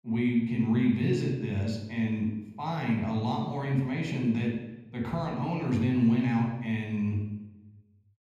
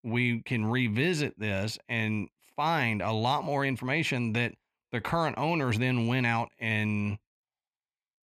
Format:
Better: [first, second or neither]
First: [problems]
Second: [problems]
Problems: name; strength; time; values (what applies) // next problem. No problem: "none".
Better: second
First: room echo; noticeable; dies away in 1.3 s // off-mic speech; far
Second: none